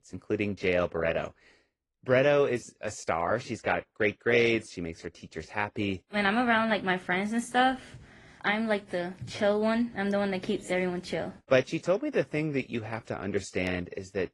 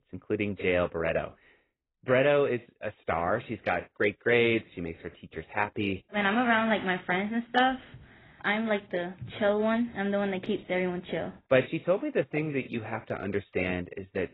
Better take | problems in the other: first | garbled, watery; badly; slightly in the first

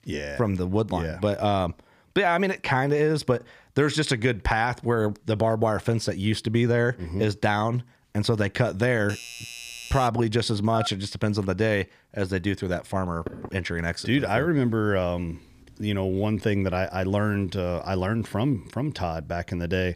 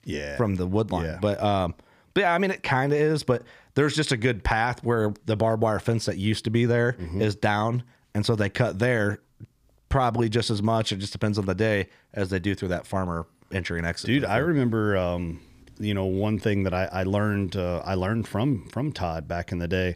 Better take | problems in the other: second | doorbell; faint; from 9 to 10 s; peak 10 dB below the speech // phone ringing; noticeable; at 11 s; peak 9 dB below the speech // door banging; faint; at 13 s; peak 10 dB below the speech

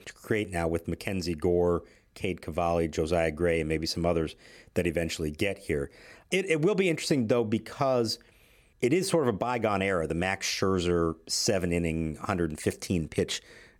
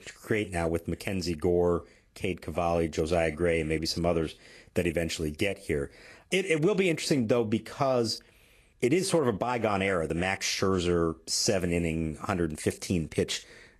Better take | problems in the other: first | garbled, watery; slightly; nothing above 12.5 kHz

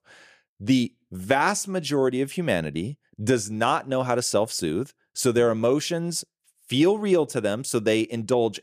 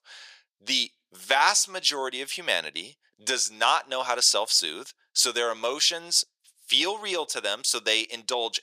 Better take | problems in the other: first | thin; very; fading below 800 Hz

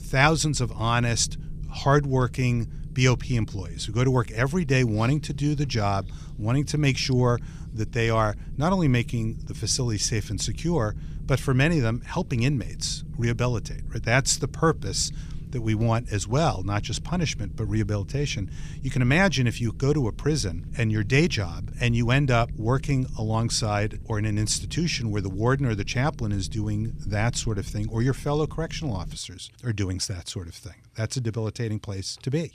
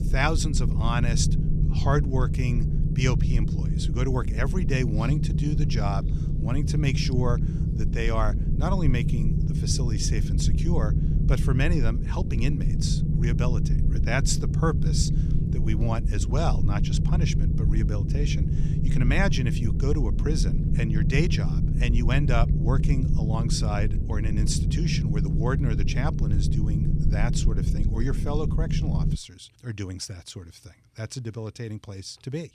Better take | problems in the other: first | low rumble; loud; until 29 s; 5 dB below the speech; faint in the first

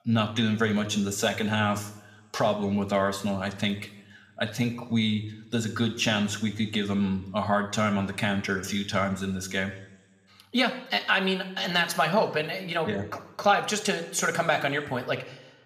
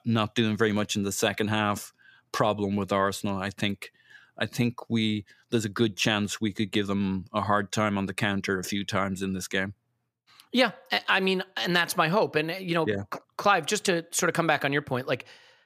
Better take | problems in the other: second | room echo; slight; dies away in 0.8 s

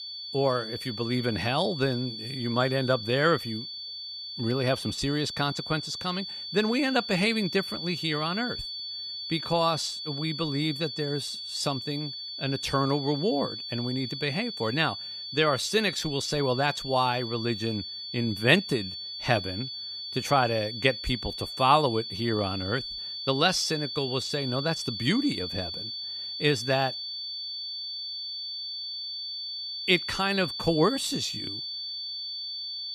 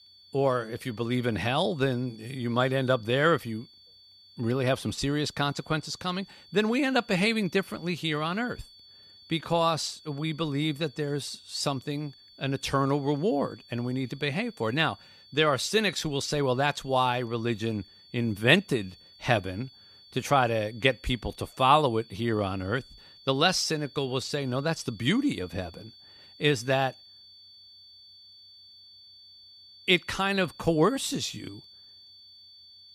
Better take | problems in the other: second | high-pitched whine; loud; throughout; 4.5 kHz, 6 dB below the speech; faint in the second

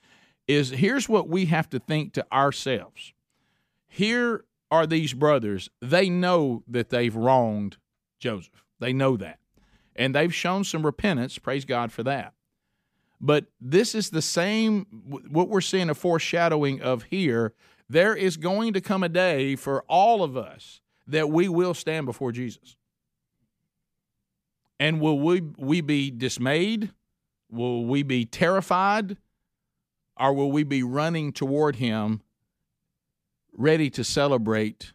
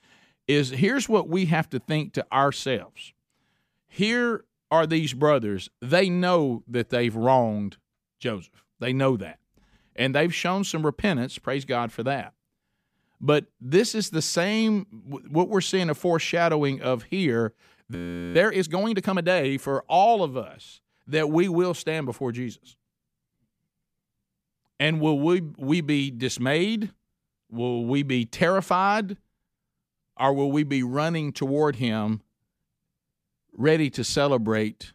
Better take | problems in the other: first | audio freezing; at 18 s

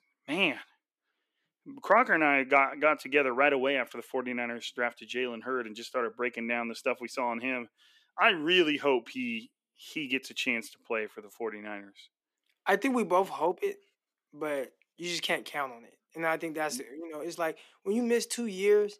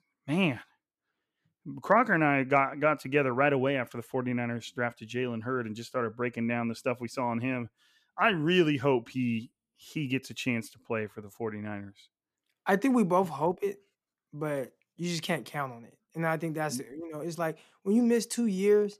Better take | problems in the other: second | thin; very slightly; fading below 300 Hz

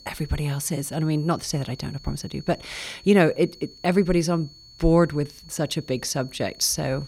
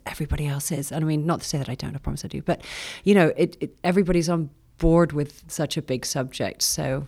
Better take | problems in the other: second | high-pitched whine; faint; throughout; 4.5 kHz, 20 dB below the speech

